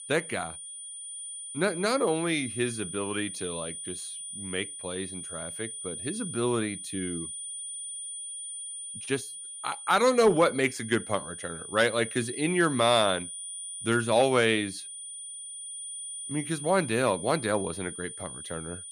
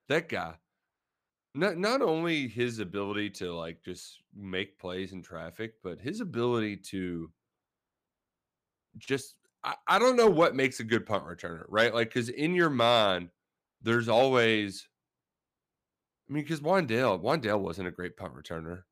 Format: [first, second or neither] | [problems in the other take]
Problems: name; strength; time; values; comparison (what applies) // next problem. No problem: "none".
second | high-pitched whine; loud; throughout; 9.5 kHz, 9 dB below the speech